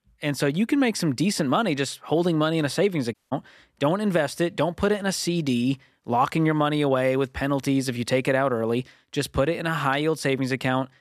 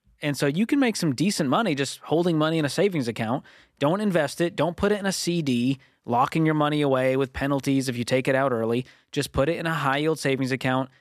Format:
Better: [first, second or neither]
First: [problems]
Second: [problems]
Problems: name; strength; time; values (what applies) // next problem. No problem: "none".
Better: second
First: audio cutting out; at 3 s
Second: none